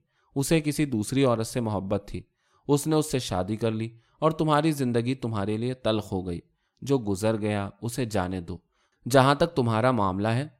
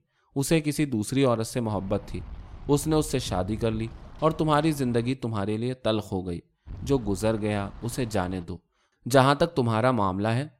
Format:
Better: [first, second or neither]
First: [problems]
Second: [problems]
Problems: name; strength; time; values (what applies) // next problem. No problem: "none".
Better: first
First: none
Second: wind noise on the microphone; occasional gusts; from 1.5 to 5 s and from 6.5 to 8.5 s; 25 dB below the speech